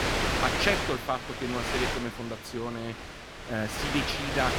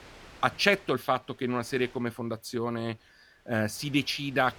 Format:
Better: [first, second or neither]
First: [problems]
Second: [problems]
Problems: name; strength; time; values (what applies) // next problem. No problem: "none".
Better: second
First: wind noise on the microphone; heavy; 2 dB above the speech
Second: wind noise on the microphone; occasional gusts; 25 dB below the speech